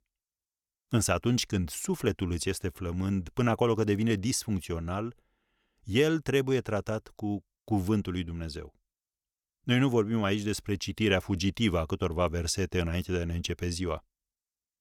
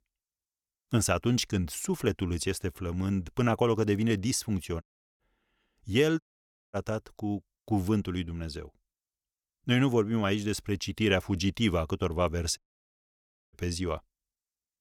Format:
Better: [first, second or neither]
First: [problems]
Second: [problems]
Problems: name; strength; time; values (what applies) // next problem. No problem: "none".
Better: first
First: none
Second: audio cutting out; at 5 s, at 6 s for 0.5 s and at 13 s for 1 s